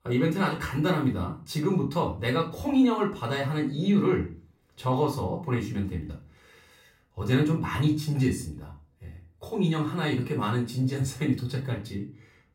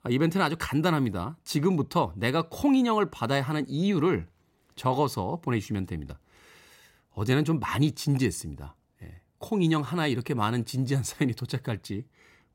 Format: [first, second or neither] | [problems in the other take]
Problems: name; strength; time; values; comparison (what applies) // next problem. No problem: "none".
second | off-mic speech; far // room echo; slight; dies away in 0.3 s